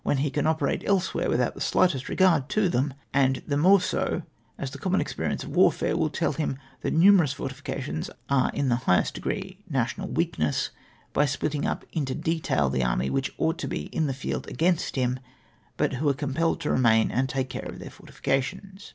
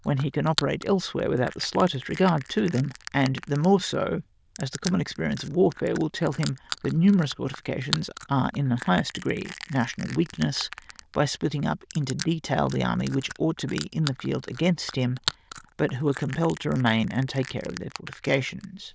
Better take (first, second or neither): first